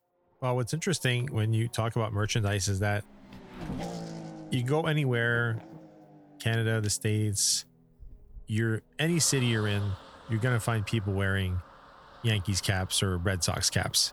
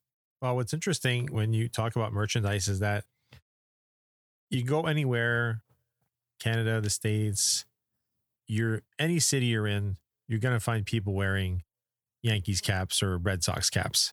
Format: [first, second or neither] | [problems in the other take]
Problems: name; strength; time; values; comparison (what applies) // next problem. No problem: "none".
second | traffic noise; noticeable; throughout; 20 dB below the speech